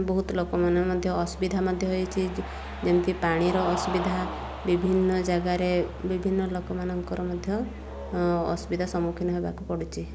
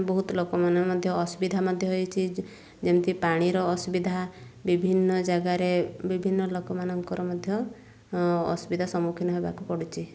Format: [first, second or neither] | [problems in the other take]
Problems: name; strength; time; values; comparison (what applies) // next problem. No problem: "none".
second | background sound (Musical instrument + Cheering); 10 dB below the speech